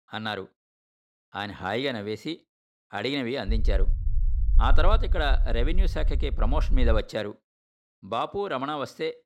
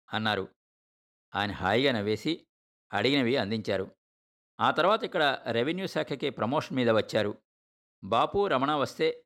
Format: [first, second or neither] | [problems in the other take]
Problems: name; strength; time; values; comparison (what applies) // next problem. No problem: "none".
second | low rumble; noticeable; from 3.5 to 7 s; 20 dB below the speech